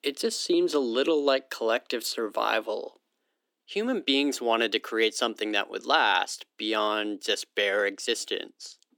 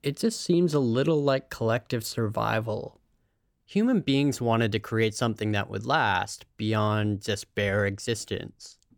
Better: second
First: thin; somewhat; fading below 300 Hz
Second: none

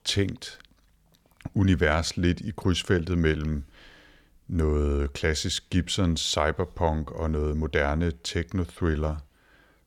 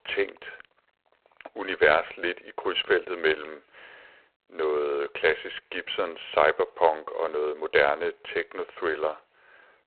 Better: first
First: none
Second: phone-call audio; poor line

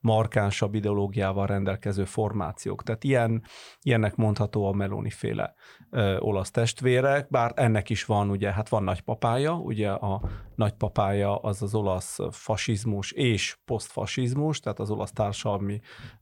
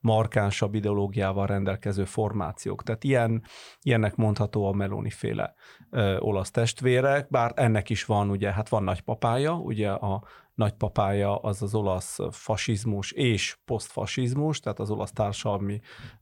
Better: second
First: door banging; faint; at 10 s; peak 10 dB below the speech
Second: none

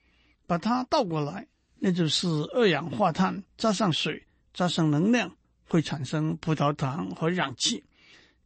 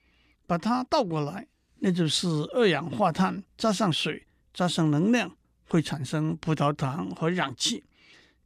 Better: second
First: garbled, watery; slightly; nothing above 8 kHz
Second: none

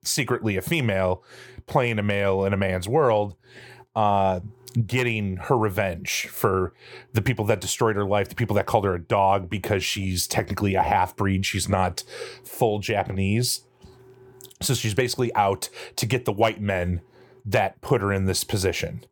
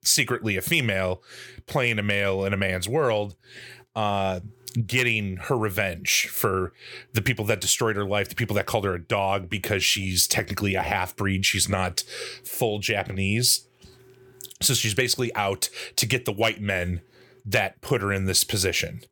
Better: second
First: muffled; slightly; fading above 1.5 kHz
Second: none

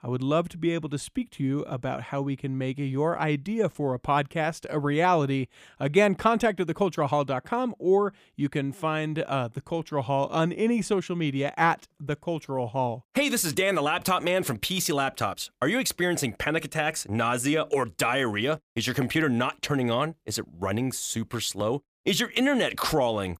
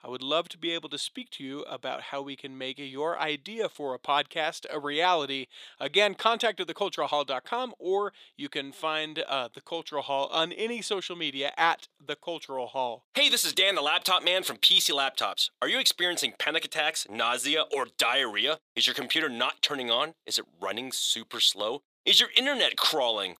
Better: first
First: none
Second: thin; somewhat; fading below 450 Hz

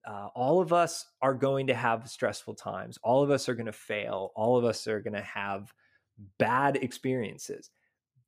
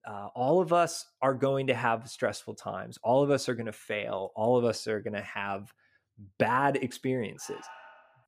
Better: first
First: none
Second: alarm; faint; at 7.5 s; peak 20 dB below the speech

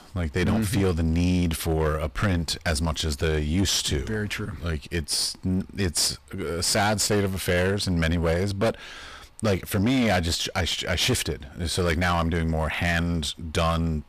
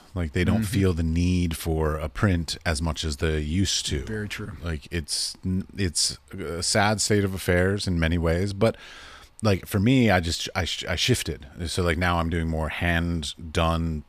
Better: second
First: distortion; heavy; 15% of the sound clipped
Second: none

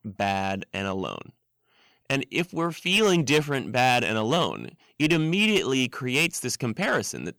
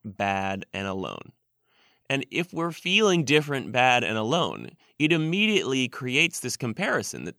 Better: second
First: distortion; slight; 4% of the sound clipped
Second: none

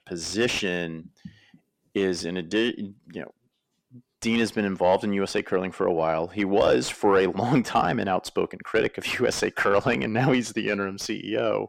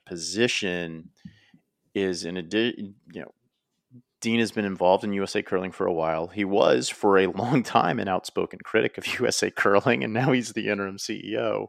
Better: second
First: distortion; slight; 10 dB below the speech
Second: none

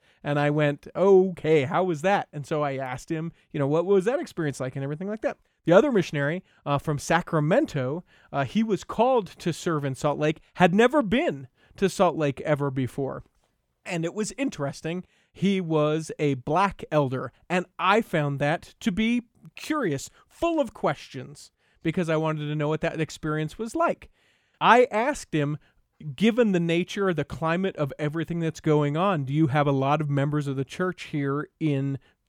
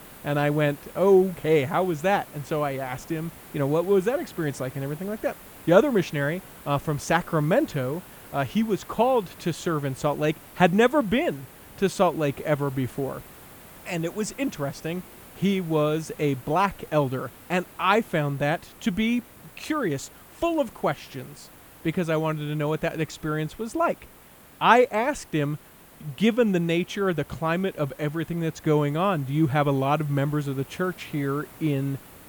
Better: first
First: none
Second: hiss; faint; throughout; 20 dB below the speech

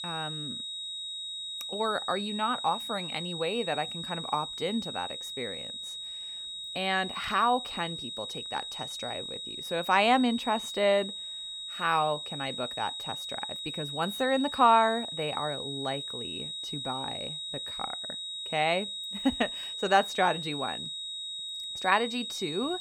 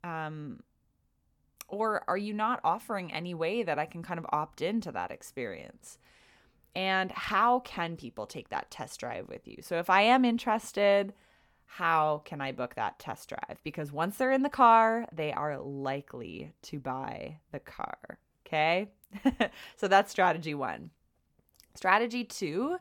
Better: second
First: high-pitched whine; loud; throughout; 4 kHz, 5 dB below the speech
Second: none

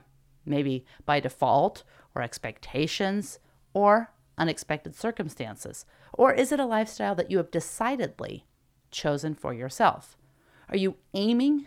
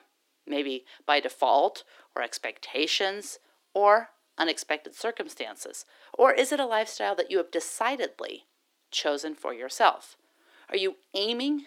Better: first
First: none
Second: thin; somewhat; fading below 300 Hz

